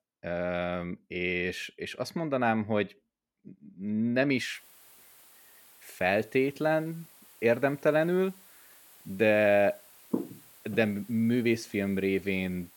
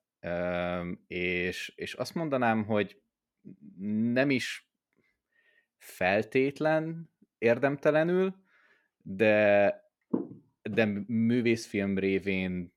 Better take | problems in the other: second | hiss; faint; from 4.5 s on; 25 dB below the speech

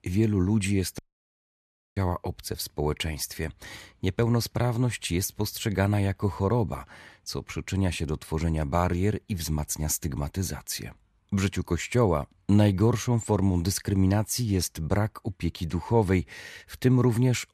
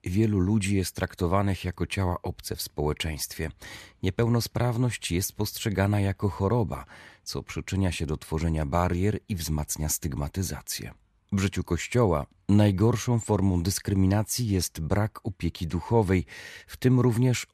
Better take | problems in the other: second | audio cutting out; at 1 s for 1 s

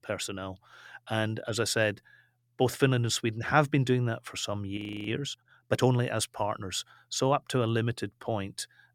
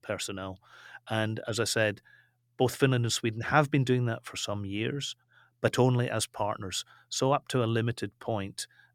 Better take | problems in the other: second | audio freezing; at 5 s

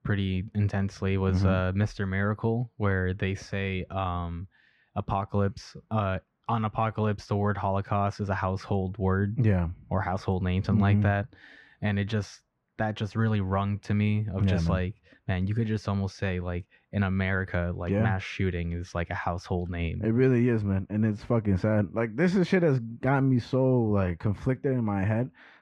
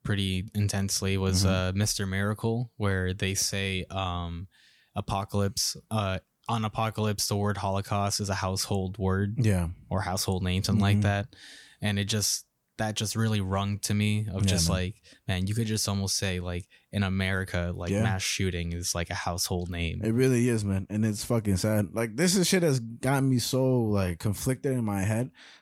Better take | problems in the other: second | muffled; very; fading above 1.5 kHz

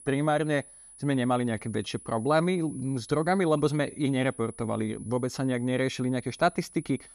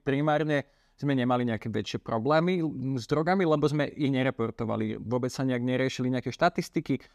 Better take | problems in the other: second | high-pitched whine; noticeable; throughout; 10 kHz, 20 dB below the speech

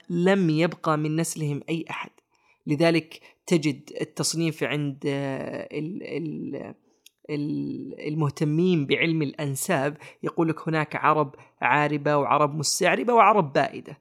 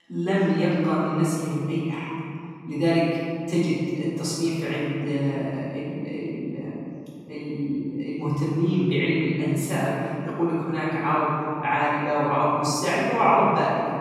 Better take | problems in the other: first | off-mic speech; far // room echo; strong; dies away in 2.4 s

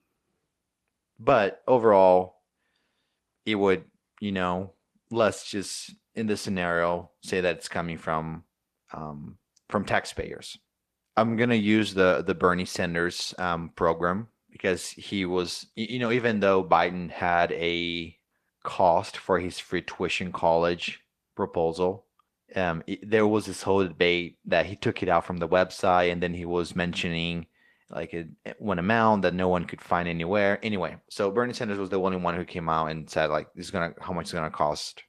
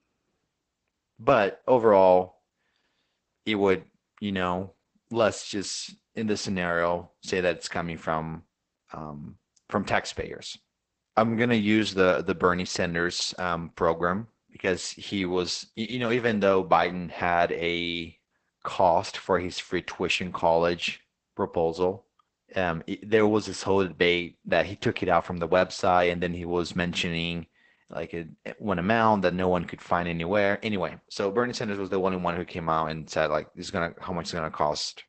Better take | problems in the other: first | garbled, watery; badly; nothing above 8 kHz; slightly in the first

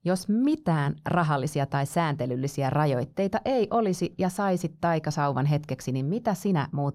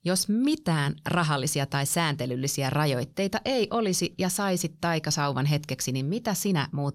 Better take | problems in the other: second | muffled; slightly; fading above 2 kHz

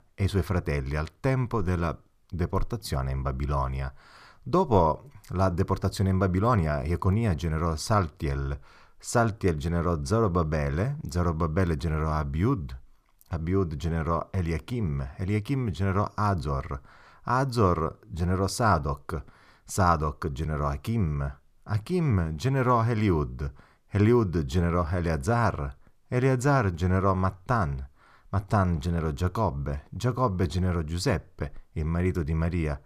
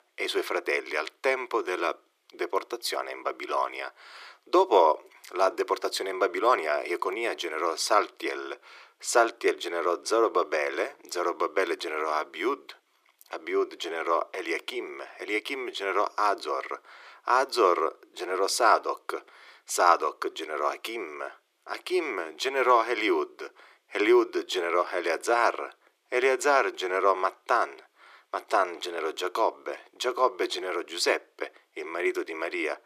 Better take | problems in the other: first | thin; very; fading below 350 Hz

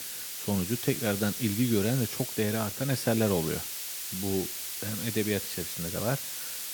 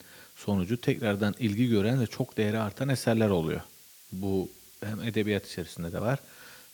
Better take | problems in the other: second | hiss; loud; throughout; 3 dB below the speech; faint in the second

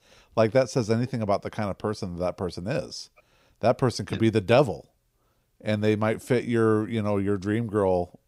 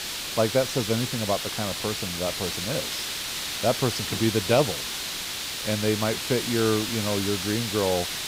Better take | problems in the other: first | hiss; loud; throughout; 2 dB below the speech

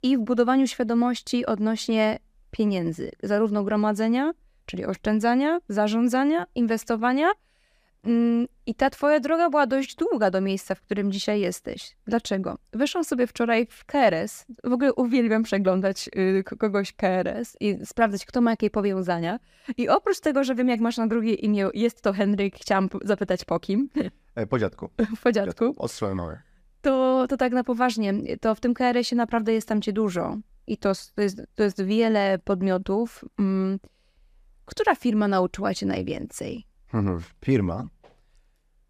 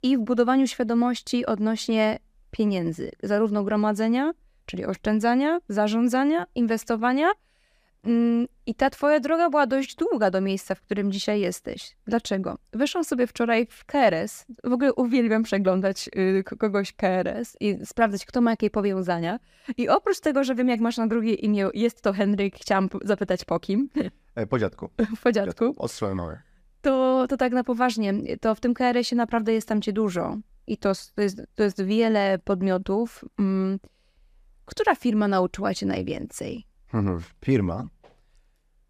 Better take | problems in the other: neither | none

